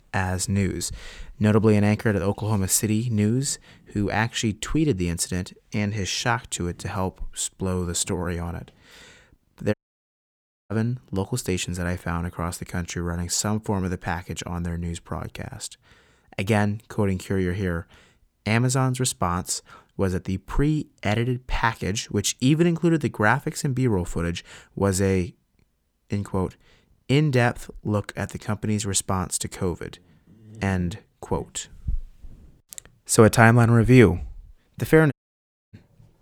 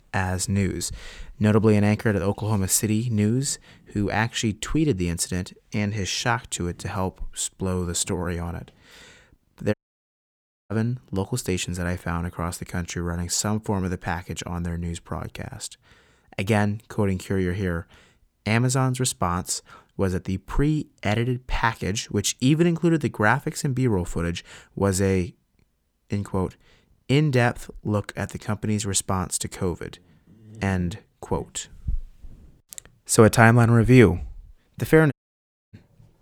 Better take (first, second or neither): neither